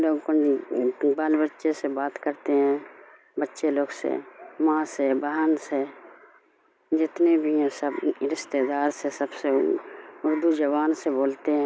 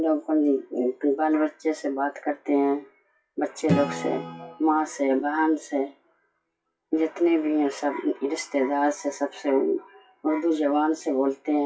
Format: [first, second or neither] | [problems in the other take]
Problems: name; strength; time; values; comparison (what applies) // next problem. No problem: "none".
first | noise reduction (classical method WPE with log-MMSE)